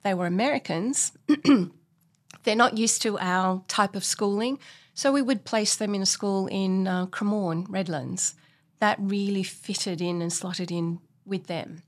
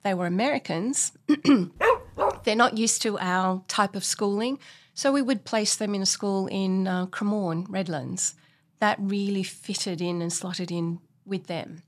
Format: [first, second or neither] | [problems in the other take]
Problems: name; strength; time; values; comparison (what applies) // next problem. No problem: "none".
first | dog barking; loud; at 2 s; peak 3 dB above the speech